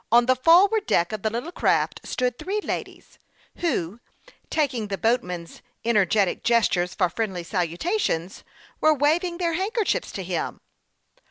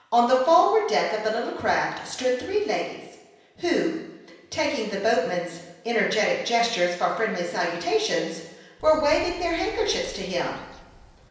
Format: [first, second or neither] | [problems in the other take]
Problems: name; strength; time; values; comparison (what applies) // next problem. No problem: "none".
first | background sound (Bird); 20 dB below the speech // room echo; dies away in 0.9 s